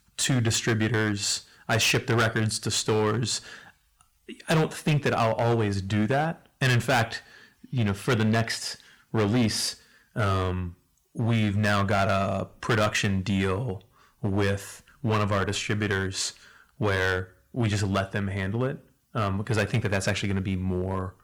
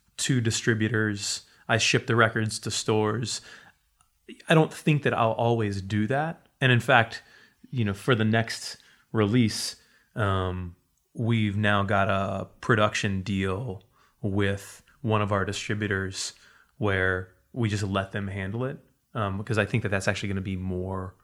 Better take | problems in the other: second | distortion; heavy; 8% of the sound clipped

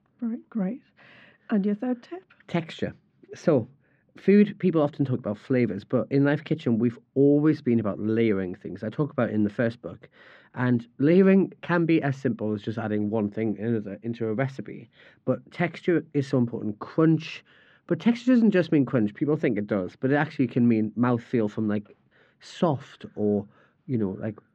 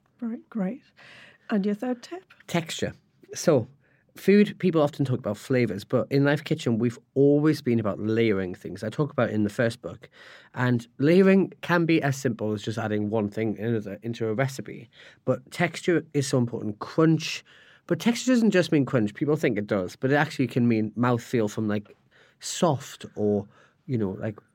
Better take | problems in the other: second | muffled; slightly; fading above 3 kHz

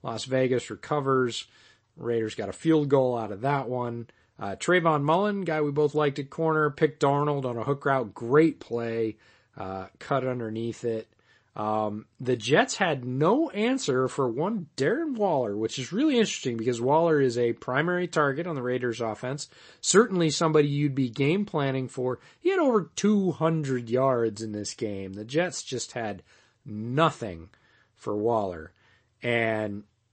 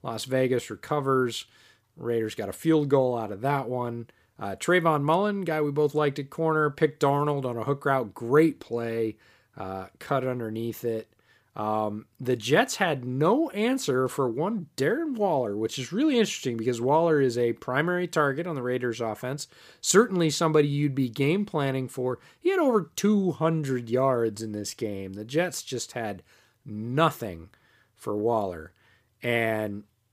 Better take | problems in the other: second | garbled, watery; slightly; nothing above 8 kHz

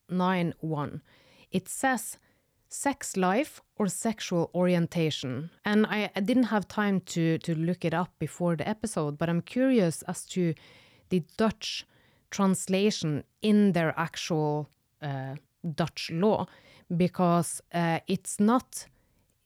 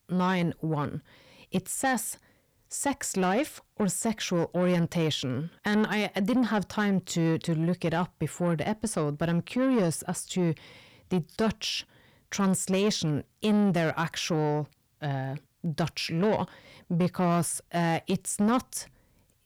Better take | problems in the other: first | distortion; slight; 10 dB below the speech

